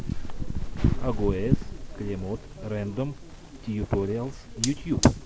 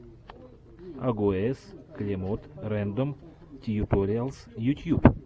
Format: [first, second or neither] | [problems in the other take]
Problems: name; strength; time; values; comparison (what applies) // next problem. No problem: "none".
second | background sound (Fire); 1 dB below the speech